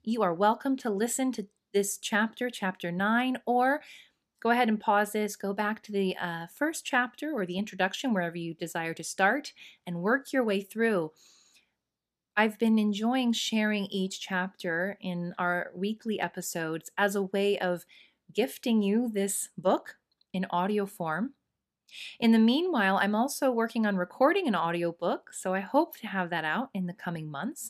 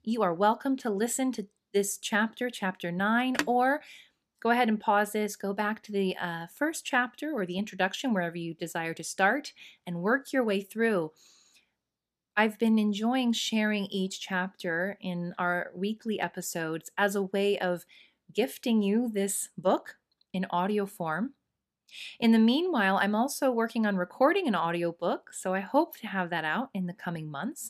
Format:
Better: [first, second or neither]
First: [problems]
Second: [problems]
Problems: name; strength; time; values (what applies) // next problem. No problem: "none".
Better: first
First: none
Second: phone ringing; noticeable; at 3.5 s; peak 4 dB below the speech